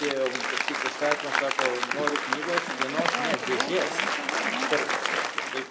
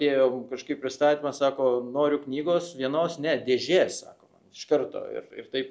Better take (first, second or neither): second